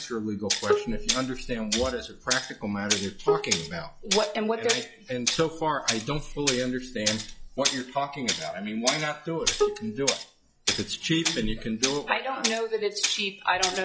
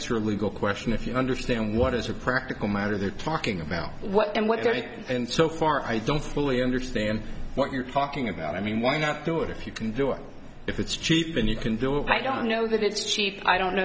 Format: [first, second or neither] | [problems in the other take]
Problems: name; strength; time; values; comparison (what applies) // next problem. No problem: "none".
second | noise reduction (classical method log-MMSE)